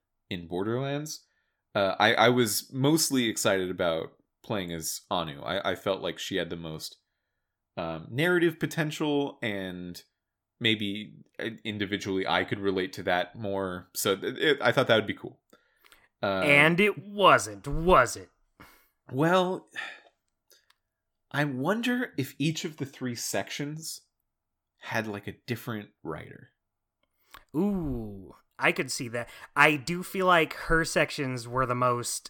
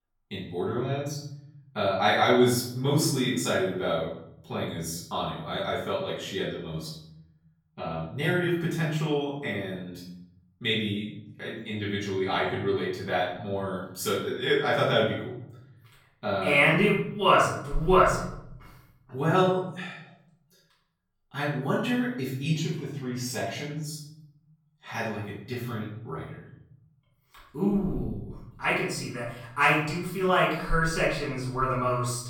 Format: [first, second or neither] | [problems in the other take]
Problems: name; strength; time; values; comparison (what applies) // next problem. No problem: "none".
first | off-mic speech; far // room echo; noticeable; dies away in 0.8 s